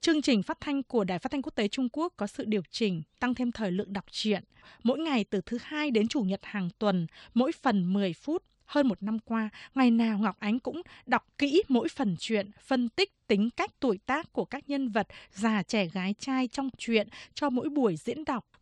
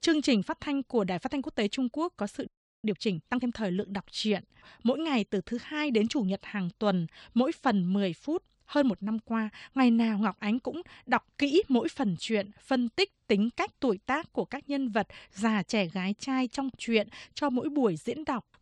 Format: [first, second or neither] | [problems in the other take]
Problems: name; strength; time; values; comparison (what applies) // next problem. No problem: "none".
first | audio freezing; at 2.5 s